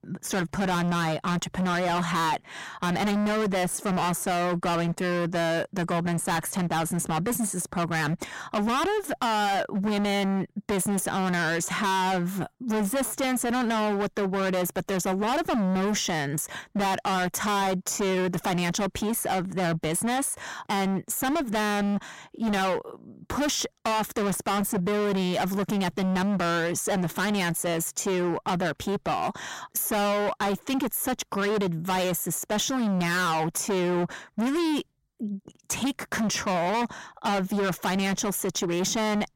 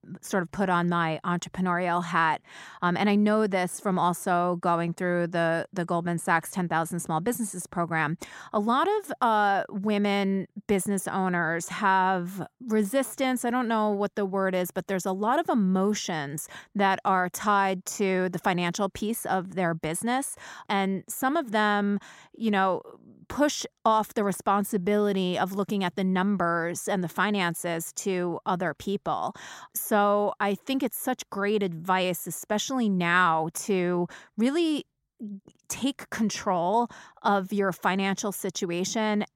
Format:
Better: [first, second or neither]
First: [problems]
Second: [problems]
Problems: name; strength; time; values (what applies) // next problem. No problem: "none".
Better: second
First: distortion; heavy; 31% of the sound clipped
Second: none